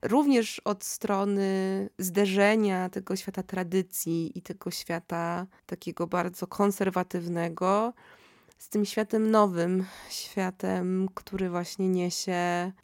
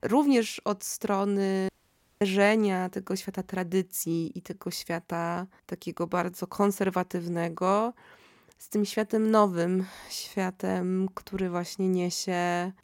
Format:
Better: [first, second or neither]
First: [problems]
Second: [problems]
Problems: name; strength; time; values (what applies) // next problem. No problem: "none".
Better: first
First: none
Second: audio cutting out; at 1.5 s for 0.5 s